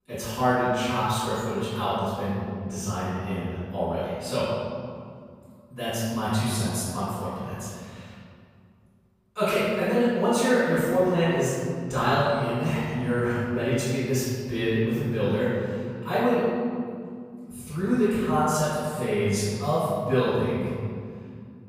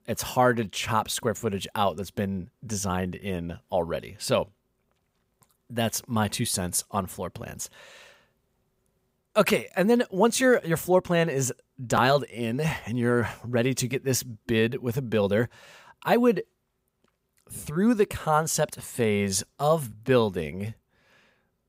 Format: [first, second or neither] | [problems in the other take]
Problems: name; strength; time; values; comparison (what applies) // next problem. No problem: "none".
second | off-mic speech; far // room echo; strong; dies away in 2.1 s